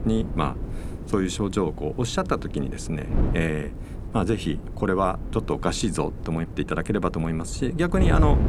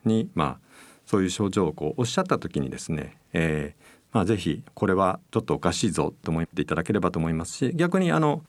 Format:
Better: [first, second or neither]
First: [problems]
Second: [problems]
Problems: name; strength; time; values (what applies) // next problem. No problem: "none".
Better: second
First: wind noise on the microphone; occasional gusts; 15 dB below the speech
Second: none